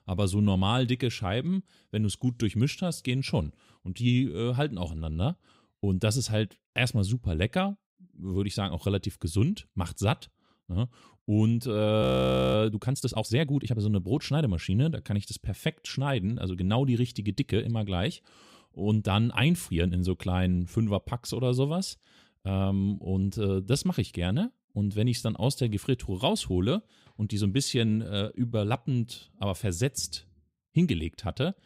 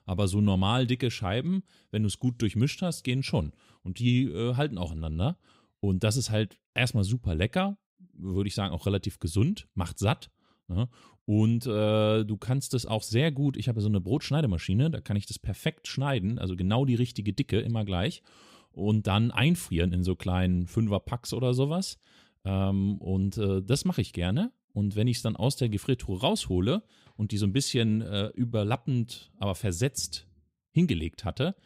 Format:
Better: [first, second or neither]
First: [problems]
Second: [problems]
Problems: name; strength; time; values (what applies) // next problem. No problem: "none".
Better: second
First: audio freezing; at 12 s for 0.5 s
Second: none